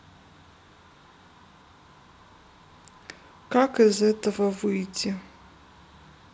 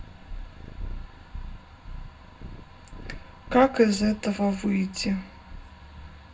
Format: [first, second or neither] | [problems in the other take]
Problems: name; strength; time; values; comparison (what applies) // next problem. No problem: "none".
first | background sound (Purr); 12 dB below the speech // room echo; dies away in 0.4 s